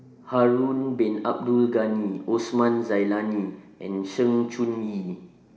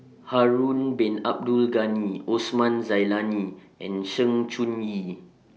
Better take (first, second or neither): second